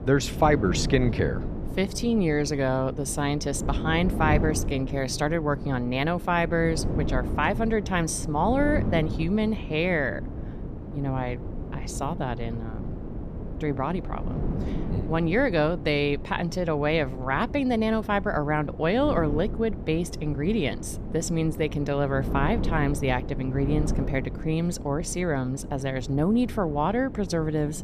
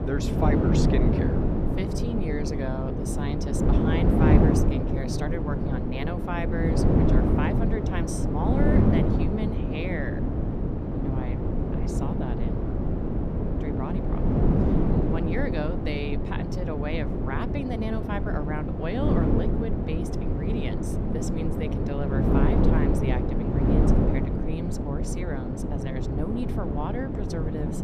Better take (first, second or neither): first